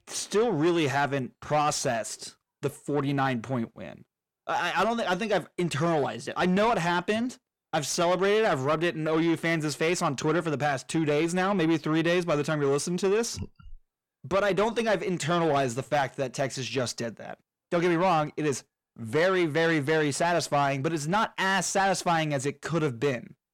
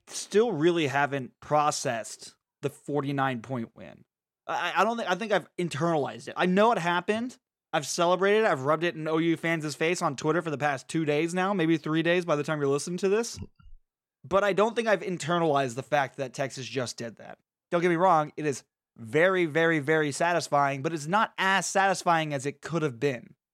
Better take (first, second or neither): second